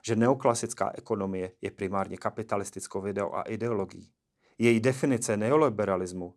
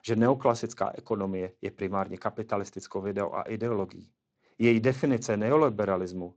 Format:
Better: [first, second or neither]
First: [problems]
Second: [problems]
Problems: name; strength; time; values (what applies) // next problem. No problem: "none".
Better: first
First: none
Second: garbled, watery; slightly; nothing above 7.5 kHz